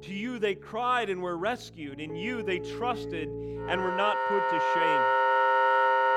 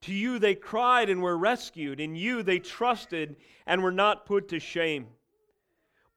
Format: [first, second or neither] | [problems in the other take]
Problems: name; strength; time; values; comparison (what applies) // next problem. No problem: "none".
second | background music; very loud; throughout; 5 dB above the speech